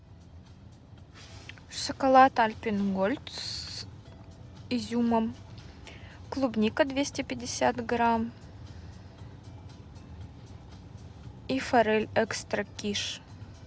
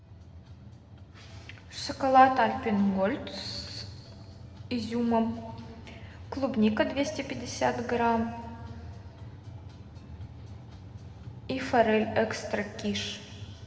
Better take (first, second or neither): first